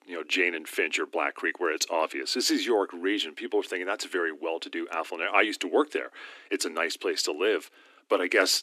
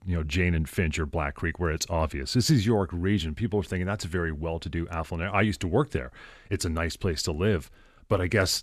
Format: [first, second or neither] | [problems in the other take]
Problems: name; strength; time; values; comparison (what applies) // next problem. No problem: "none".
second | thin; somewhat; fading below 300 Hz